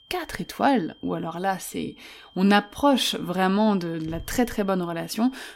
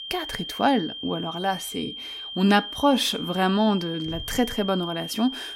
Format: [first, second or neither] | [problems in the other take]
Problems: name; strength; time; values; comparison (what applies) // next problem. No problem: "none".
first | high-pitched whine; loud; throughout; 3 kHz, 9 dB below the speech; faint in the first